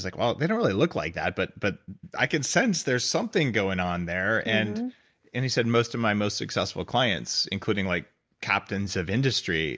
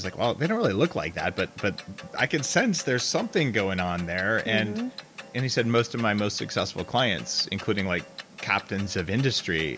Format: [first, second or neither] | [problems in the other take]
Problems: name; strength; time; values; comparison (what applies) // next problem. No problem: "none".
first | background sound (Clock); 17 dB below the speech